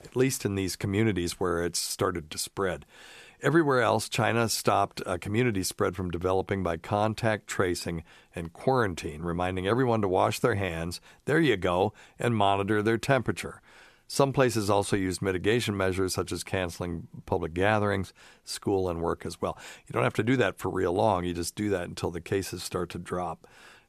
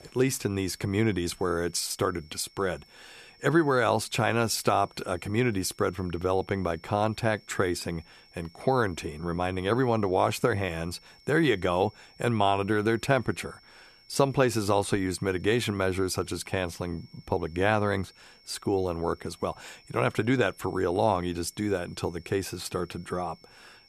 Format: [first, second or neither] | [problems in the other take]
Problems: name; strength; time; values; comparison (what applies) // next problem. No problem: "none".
first | high-pitched whine; faint; throughout; 5.5 kHz, 30 dB below the speech